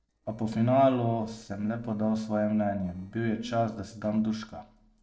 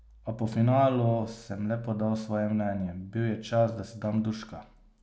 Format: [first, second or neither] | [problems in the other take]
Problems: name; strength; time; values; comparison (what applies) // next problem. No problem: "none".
second | noise reduction (neural separator model SepFormer DNS4)